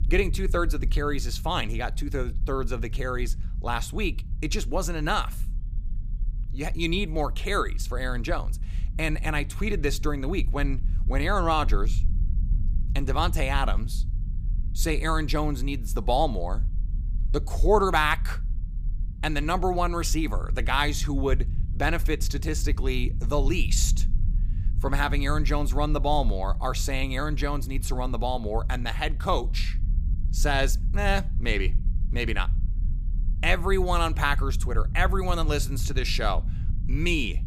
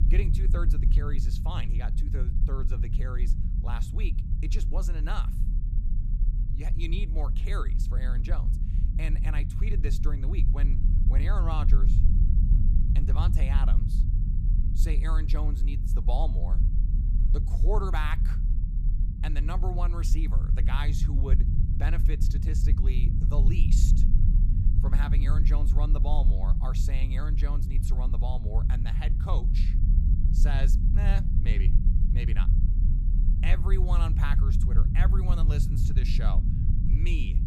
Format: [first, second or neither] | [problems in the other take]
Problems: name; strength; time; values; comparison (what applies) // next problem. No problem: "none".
first | low rumble; loud; throughout; 4 dB below the speech; faint in the first